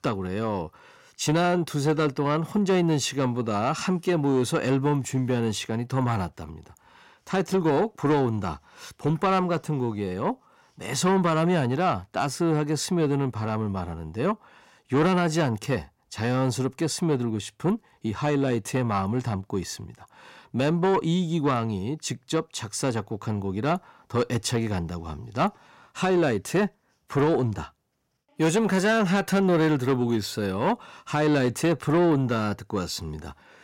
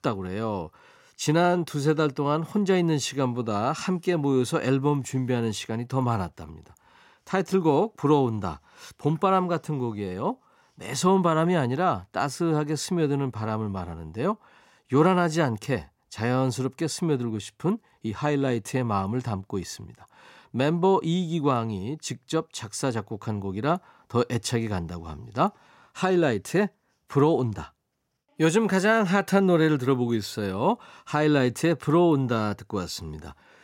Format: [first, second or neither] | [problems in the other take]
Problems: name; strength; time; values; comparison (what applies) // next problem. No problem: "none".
second | distortion; slight; 10 dB below the speech